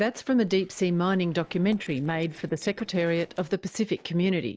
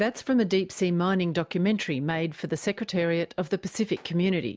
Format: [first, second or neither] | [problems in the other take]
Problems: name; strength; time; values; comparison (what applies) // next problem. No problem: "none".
second | noise reduction (neural separator model SepFormer DNS4)